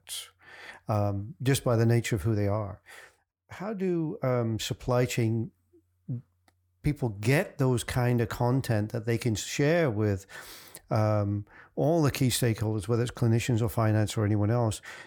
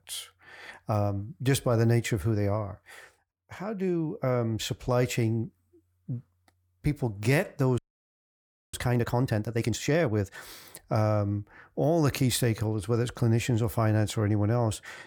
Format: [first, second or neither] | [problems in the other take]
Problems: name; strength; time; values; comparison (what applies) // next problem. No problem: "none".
first | audio freezing; at 8 s for 1 s